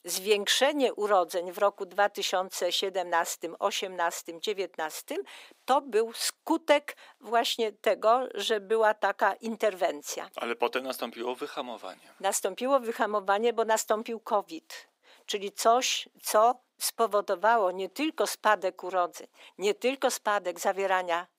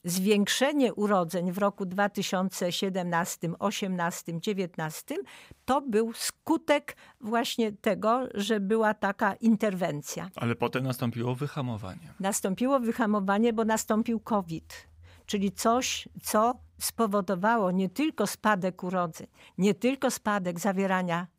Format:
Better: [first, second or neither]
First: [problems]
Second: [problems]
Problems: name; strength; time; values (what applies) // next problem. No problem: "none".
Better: second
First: thin; somewhat; fading below 300 Hz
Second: none